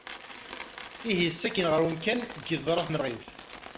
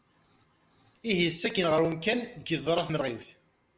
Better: second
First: background sound (Coin (dropping)); 14 dB below the speech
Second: none

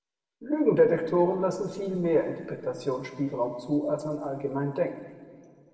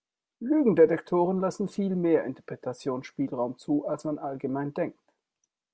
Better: second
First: room echo; dies away in 1.7 s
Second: none

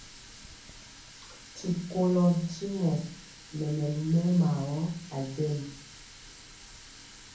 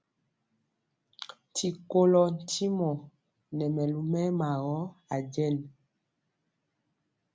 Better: second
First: background sound (Water tap, faucet); 18 dB below the speech // room echo; dies away in 0.6 s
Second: none

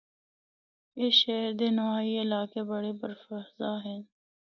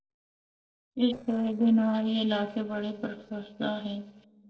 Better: first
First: none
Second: noise reduction (neural separator model SepFormer DNS4)

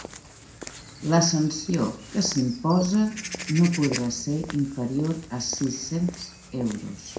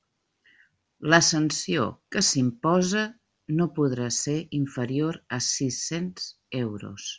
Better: second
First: background sound (Walk, footsteps / Bird vocalization, bird call, bird song); 13 dB below the speech // room echo; dies away in 0.5 s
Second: none

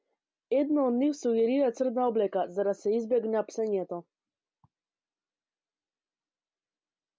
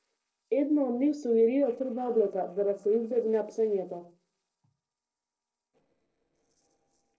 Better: first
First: none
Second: noise reduction (neural separator model SepFormer DNS4)

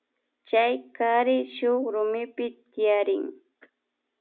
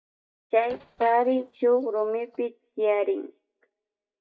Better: first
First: none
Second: noise reduction (neural mask model DeepFilterNet 3)

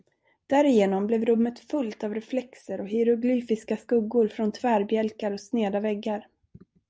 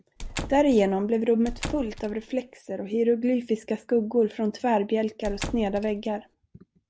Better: first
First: none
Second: background sound (Squeak / Slam / Wood); 11 dB below the speech

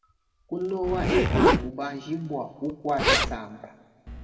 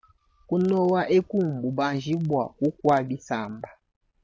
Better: second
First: background sound (Zipper (clothing)); 3 dB above the speech // room echo; dies away in 1.8 s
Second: none

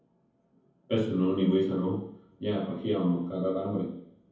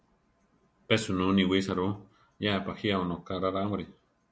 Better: second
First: room echo; dies away in 0.7 s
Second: none

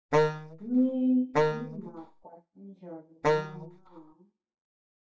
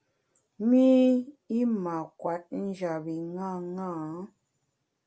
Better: second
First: noise reduction (neural mask model DeepFilterNet 3)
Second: none

